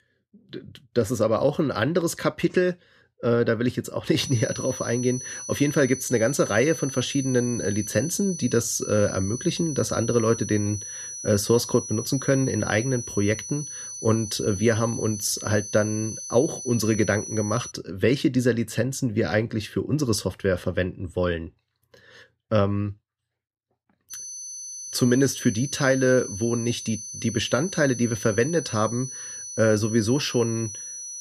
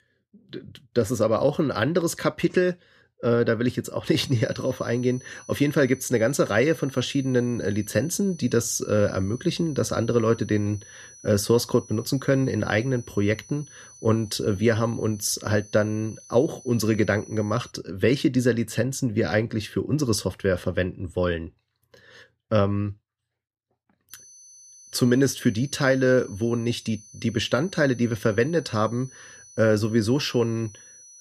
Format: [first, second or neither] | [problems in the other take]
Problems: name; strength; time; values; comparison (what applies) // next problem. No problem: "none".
second | high-pitched whine; loud; from 4 to 18 s and from 24 s on; 6 kHz, 9 dB below the speech; faint in the second